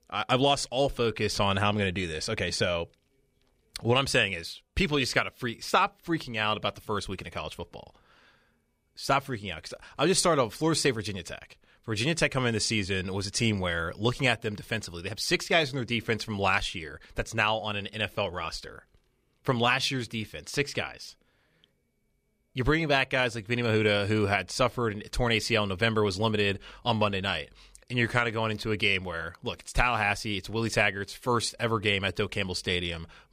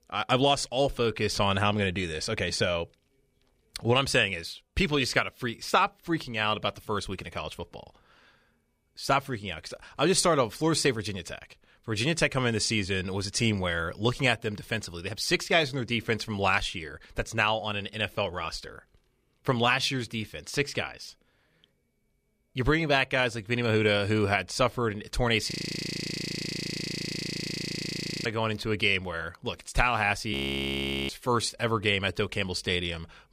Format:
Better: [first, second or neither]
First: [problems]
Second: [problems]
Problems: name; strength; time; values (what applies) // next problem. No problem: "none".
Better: first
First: none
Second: audio freezing; at 26 s for 2.5 s and at 30 s for 1 s